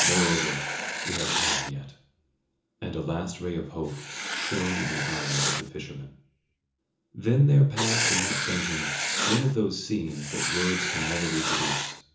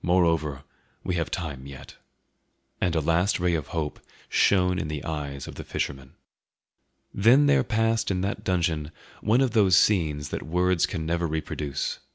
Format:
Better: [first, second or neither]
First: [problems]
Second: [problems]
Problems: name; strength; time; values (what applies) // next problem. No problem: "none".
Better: second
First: background sound (Writing); 1 dB below the speech // room echo; dies away in 0.7 s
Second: none